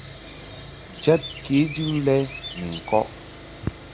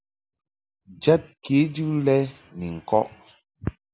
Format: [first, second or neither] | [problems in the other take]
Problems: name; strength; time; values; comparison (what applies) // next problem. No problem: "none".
second | background sound (Chirp, tweet + Sawing); 13 dB below the speech